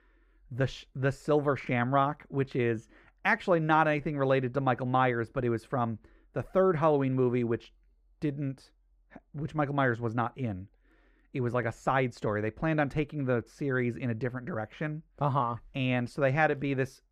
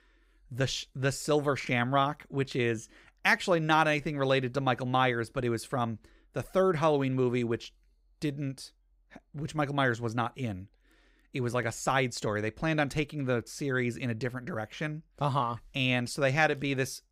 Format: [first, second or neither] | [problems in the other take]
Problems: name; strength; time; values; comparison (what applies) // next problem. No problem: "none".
second | muffled; slightly; fading above 3 kHz